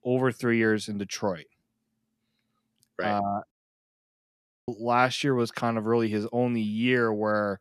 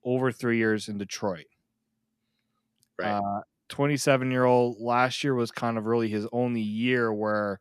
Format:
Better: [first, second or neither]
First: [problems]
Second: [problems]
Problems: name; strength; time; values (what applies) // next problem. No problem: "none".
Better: second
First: audio cutting out; at 3.5 s for 1 s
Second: none